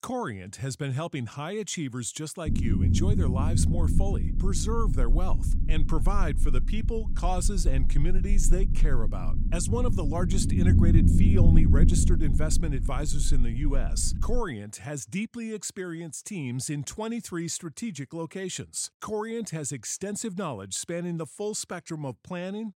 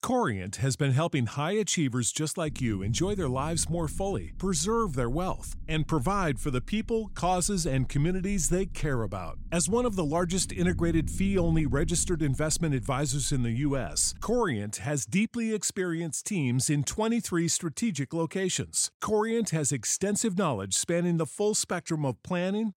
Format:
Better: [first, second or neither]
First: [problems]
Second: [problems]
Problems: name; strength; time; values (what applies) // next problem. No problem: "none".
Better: second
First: low rumble; loud; from 2.5 to 14 s; 5 dB below the speech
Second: low rumble; faint; from 2.5 to 14 s; 25 dB below the speech